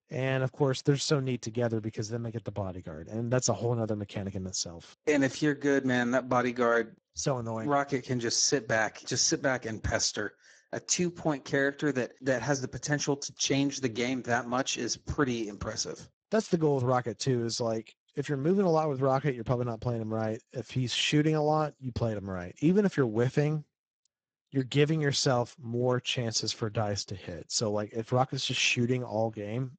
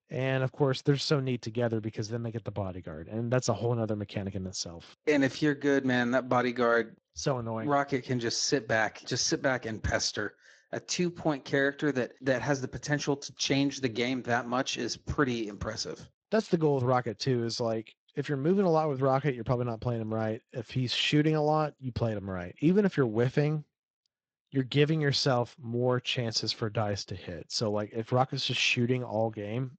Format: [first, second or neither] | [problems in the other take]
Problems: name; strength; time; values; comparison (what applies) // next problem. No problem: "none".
second | garbled, watery; badly; slightly in the second